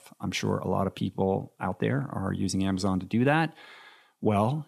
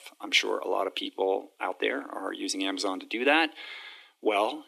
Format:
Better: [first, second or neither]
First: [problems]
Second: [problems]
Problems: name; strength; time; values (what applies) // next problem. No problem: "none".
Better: first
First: none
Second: thin; somewhat; fading below 300 Hz